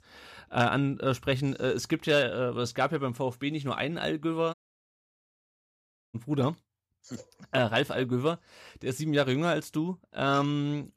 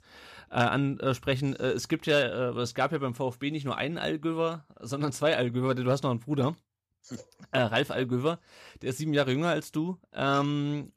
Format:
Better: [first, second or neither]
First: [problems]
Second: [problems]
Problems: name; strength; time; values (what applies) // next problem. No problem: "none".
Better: second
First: audio cutting out; at 4.5 s for 1.5 s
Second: none